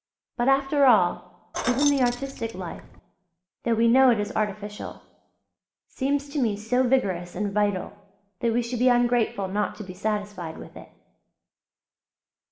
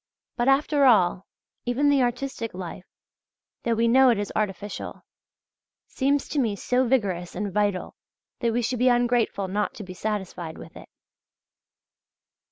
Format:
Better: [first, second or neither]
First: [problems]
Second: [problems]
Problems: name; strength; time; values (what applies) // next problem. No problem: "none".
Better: second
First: background sound (Keys jangling); 8 dB below the speech // room echo; dies away in 0.7 s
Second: none